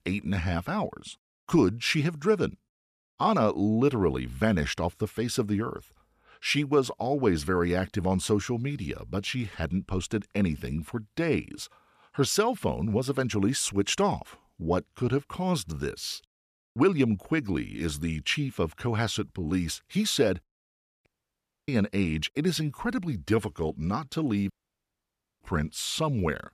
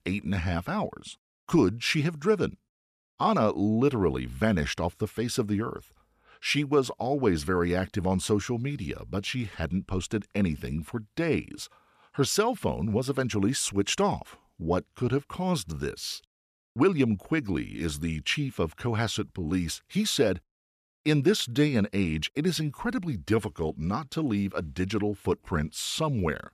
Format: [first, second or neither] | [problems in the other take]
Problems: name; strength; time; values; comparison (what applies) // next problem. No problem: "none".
second | audio cutting out; at 21 s for 0.5 s and at 25 s for 1 s